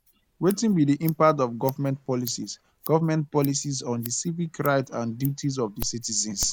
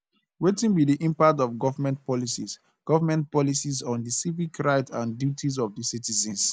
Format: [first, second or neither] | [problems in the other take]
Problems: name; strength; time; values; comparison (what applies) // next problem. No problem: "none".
second | background sound (Scissors); 17 dB below the speech